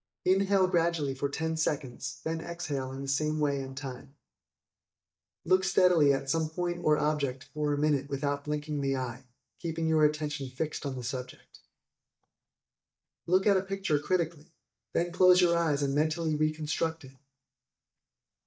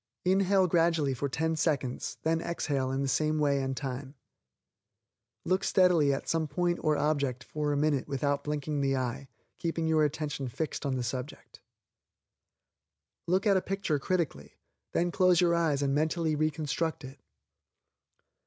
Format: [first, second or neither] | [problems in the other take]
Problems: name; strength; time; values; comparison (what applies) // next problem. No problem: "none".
second | noise reduction (neural mask model DeepFilterNet 3)